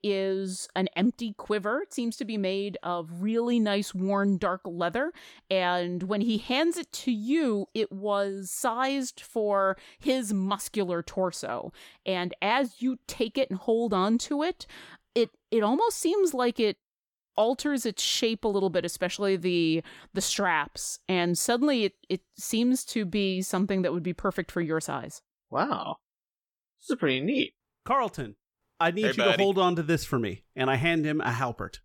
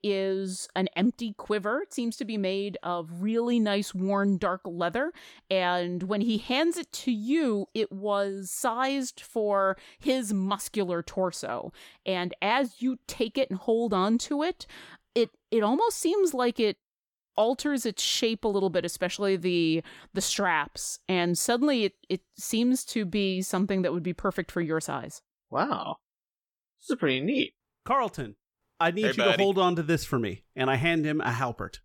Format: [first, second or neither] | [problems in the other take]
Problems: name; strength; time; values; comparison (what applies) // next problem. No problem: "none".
neither | none